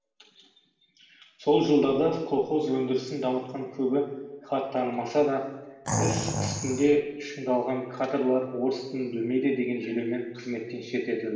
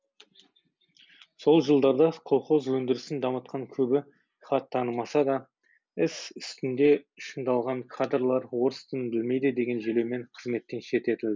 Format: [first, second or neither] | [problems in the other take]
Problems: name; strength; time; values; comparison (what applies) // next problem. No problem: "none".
second | background sound (Animal); 3 dB below the speech // room echo; dies away in 1 s